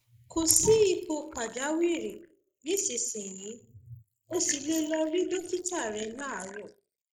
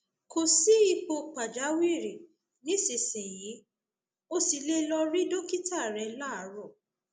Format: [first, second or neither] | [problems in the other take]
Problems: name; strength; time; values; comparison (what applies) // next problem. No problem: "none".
second | noise reduction (neural mask model Resemble Enhance denoiser)